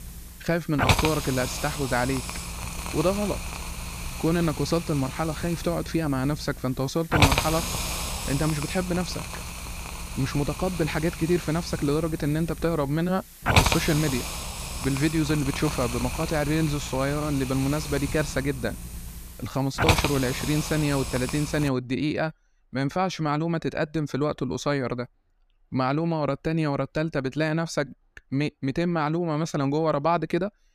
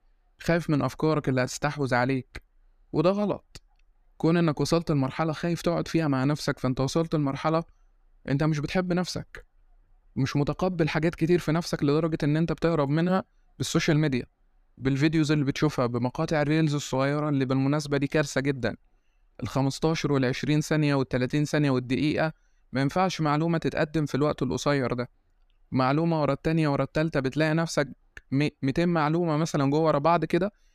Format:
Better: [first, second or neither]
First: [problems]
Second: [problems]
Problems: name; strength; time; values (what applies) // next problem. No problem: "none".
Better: second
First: hiss; loud; until 22 s; 3 dB below the speech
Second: none